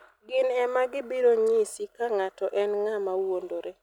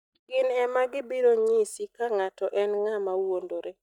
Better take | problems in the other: first | noise reduction (neural mask model DeepFilterNet 3)

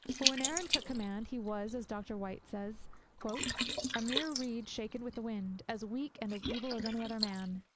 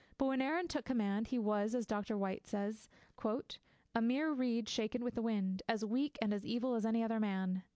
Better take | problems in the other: second | noise reduction (neural mask model Resemble Enhance denoiser)

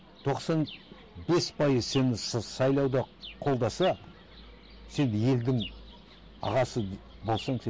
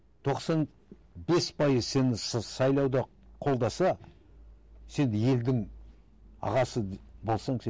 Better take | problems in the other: second | background sound (Chirp, tweet); 19 dB below the speech

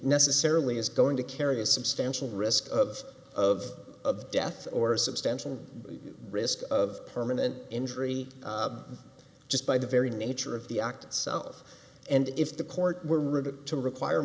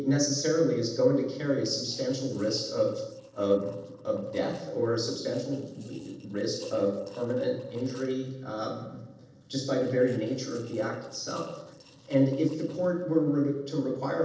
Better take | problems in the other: first | noise reduction (neural separator model SepFormer DNS4)

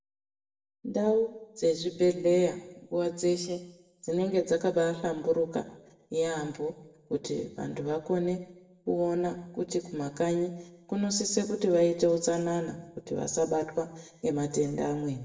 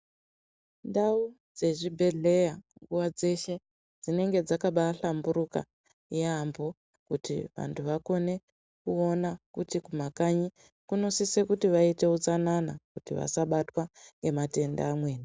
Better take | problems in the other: second | room echo; dies away in 0.7 s

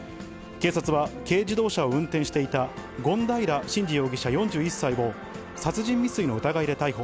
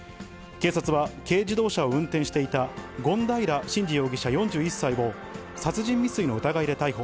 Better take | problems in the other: second | background sound (Keyboard (musical)); 20 dB below the speech

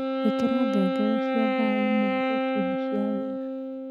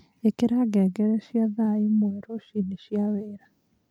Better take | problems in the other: second | background sound (Wind instrument, woodwind instrument); 2 dB above the speech

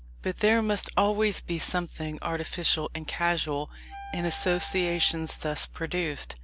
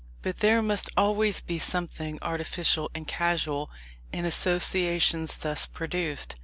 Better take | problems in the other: second | background sound (Tambourine + Wind instrument, woodwind instrument); 17 dB below the speech

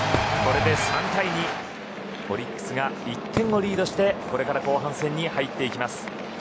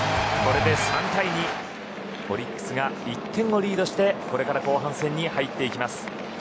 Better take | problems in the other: second | background sound (Fireworks); 13 dB below the speech

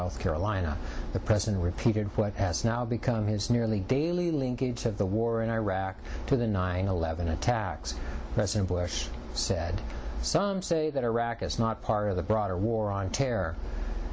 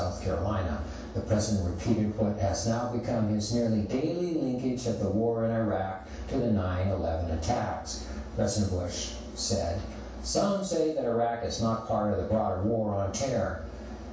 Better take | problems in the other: first | room echo; dies away in 0.7 s

